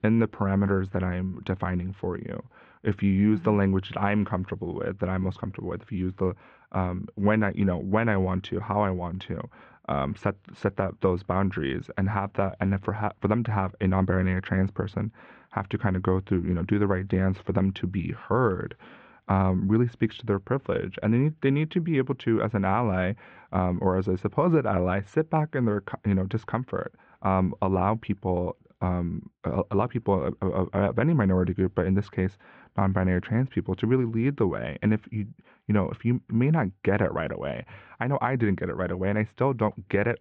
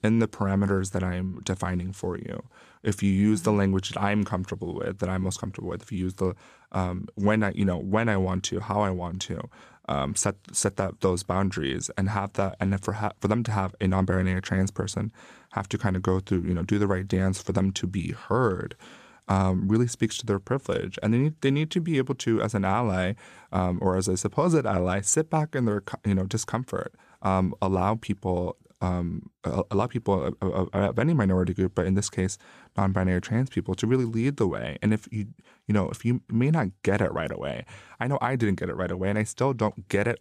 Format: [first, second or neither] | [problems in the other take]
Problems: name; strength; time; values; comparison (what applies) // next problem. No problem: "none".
second | muffled; very; fading above 3 kHz